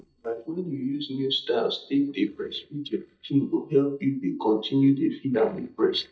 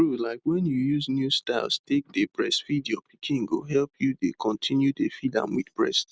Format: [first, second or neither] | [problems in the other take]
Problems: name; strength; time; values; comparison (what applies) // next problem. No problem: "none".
second | noise reduction (neural mask model DeepFilterNet 3)